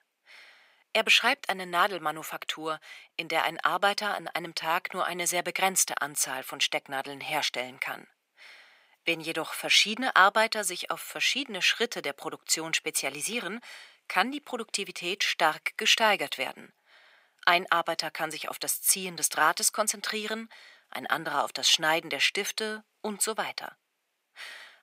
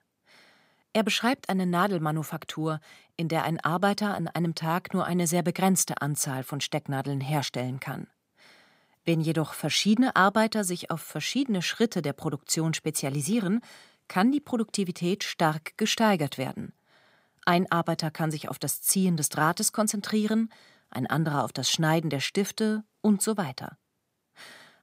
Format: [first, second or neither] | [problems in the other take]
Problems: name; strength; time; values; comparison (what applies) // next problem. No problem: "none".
second | thin; very; fading below 550 Hz